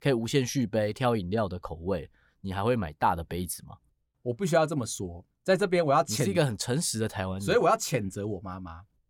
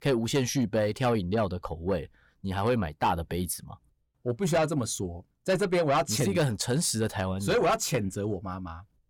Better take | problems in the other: first | distortion; slight; 10 dB below the speech

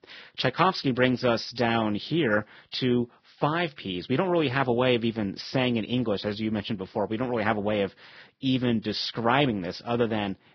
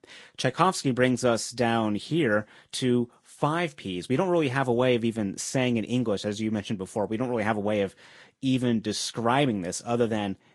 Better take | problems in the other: second | garbled, watery; badly; nothing above 5.5 kHz; slightly in the second

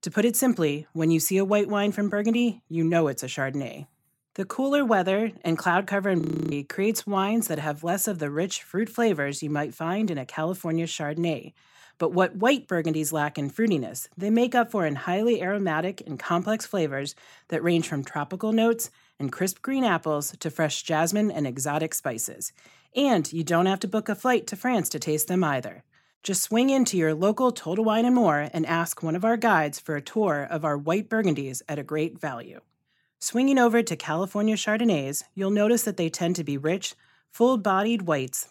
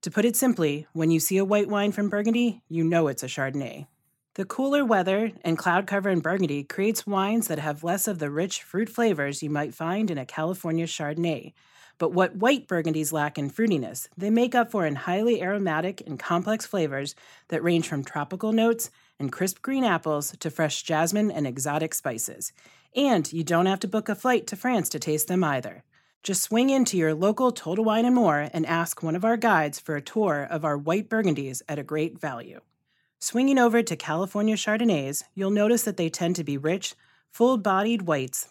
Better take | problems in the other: second | audio freezing; at 6 s

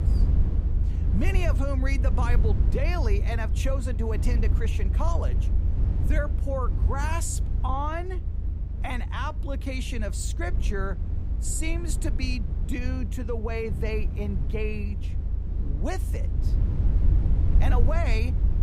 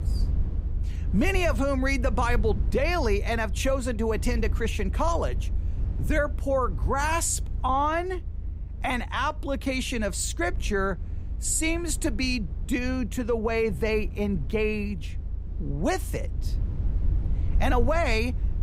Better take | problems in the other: second | low rumble; loud; throughout; 10 dB below the speech; faint in the second

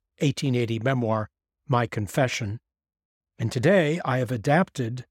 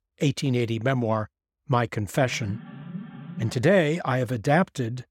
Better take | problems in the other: first | alarm; faint; from 2.5 to 3.5 s; peak 15 dB below the speech

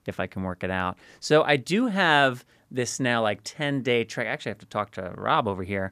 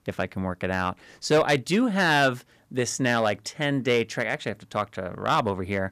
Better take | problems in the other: first | distortion; slight; 2% of the sound clipped

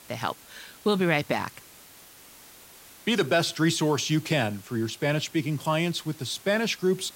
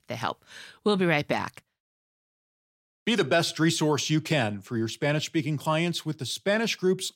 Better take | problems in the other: second | hiss; faint; throughout; 20 dB below the speech

